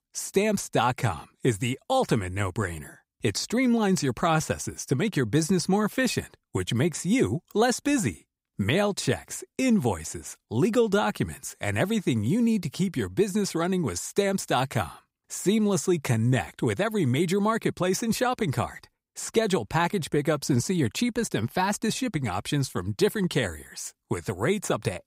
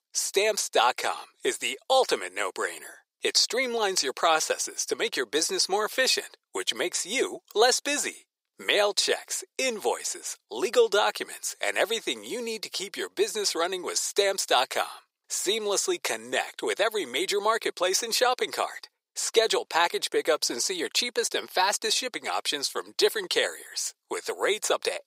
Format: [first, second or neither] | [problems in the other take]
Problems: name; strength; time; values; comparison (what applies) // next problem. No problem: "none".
first | thin; very; fading below 450 Hz